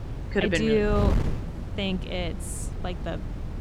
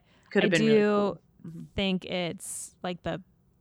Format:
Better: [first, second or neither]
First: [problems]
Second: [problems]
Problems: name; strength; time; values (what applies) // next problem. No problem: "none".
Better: second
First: wind noise on the microphone; occasional gusts; 10 dB below the speech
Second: none